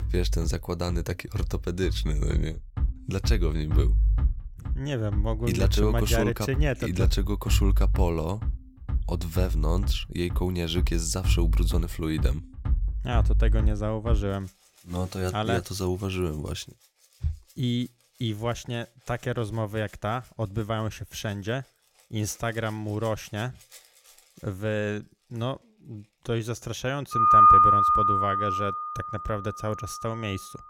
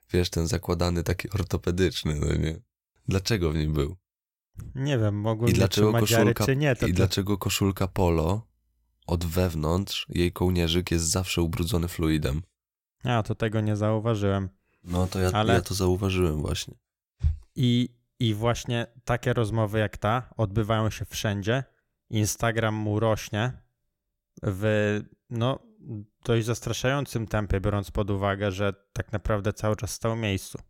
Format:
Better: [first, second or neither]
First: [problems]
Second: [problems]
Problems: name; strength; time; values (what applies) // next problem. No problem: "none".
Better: second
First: background music; very loud; throughout; 4 dB above the speech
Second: none